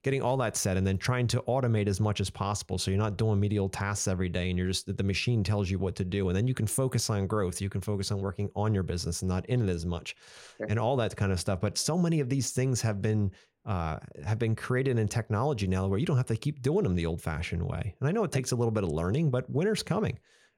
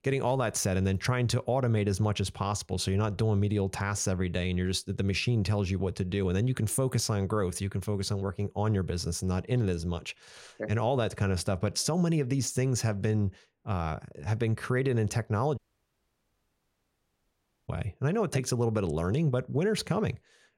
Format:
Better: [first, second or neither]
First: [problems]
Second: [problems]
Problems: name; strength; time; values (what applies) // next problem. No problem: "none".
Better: first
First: none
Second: audio cutting out; at 16 s for 2 s